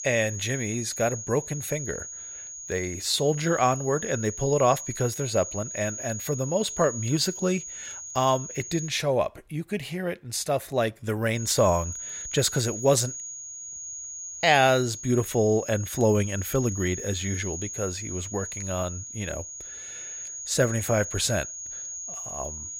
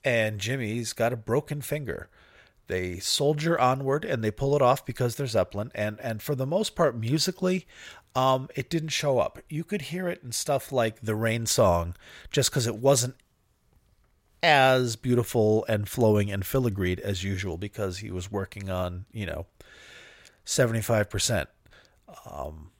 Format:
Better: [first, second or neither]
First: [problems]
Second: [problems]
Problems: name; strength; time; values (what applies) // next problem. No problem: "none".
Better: second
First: high-pitched whine; loud; until 9 s and from 11 s on; 6.5 kHz, 8 dB below the speech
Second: none